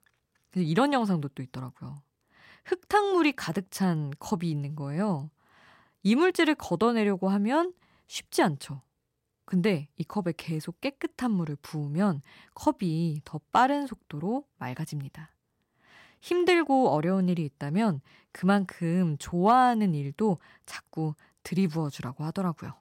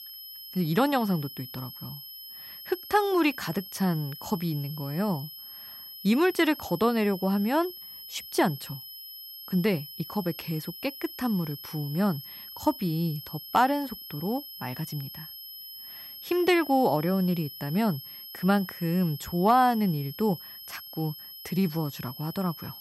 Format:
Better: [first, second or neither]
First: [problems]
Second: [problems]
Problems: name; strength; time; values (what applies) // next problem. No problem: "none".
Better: first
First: none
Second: high-pitched whine; noticeable; throughout; 11.5 kHz, 10 dB below the speech